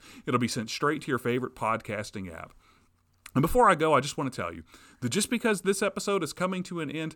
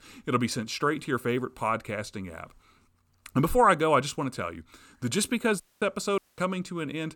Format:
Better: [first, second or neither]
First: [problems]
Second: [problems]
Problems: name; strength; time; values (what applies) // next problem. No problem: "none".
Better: first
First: none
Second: audio cutting out; at 5.5 s and at 6 s